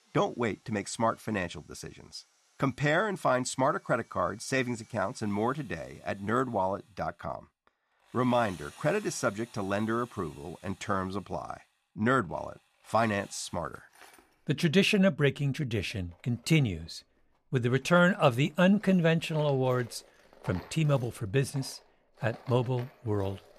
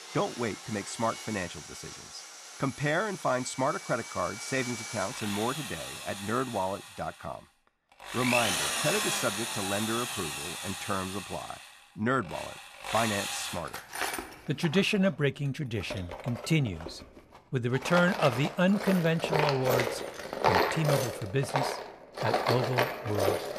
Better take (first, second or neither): first